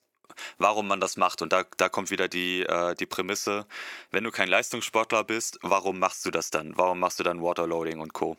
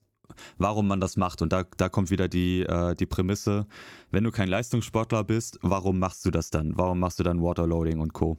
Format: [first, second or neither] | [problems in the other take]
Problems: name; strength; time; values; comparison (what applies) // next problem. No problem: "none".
second | thin; very; fading below 550 Hz